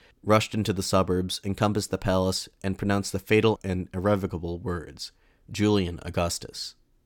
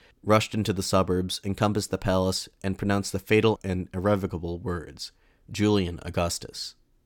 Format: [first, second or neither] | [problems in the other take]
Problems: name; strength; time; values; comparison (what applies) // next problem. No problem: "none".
neither | none